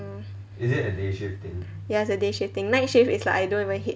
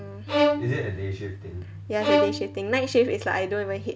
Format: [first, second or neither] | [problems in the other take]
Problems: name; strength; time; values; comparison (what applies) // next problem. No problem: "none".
first | background sound (Bowed string instrument); as loud as the speech